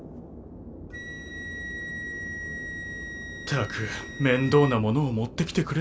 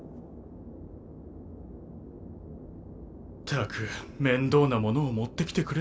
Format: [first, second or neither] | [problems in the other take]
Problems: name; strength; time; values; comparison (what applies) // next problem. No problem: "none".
second | background sound (Wind instrument, woodwind instrument); 12 dB below the speech